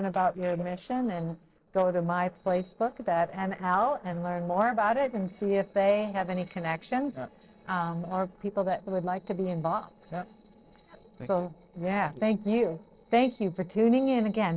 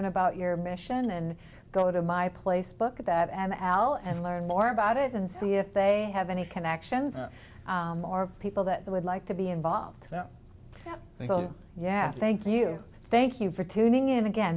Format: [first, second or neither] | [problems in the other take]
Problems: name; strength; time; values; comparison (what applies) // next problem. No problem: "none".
second | noise reduction (neural separator model SepFormer DNS4)